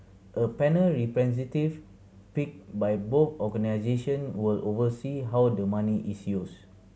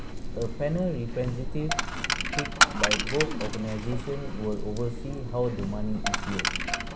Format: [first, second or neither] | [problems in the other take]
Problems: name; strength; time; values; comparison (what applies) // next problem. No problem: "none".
first | background sound (Coin (dropping)); 3 dB above the speech